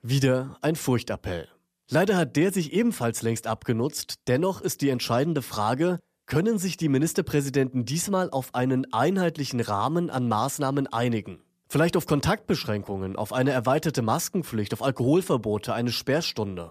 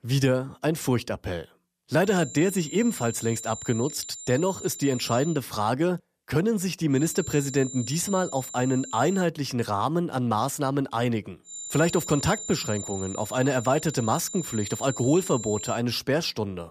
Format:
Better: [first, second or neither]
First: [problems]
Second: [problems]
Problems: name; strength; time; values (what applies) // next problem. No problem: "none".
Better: first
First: none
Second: high-pitched whine; loud; from 2 to 5.5 s, from 7 to 9 s and from 12 to 16 s; 7 kHz, 10 dB below the speech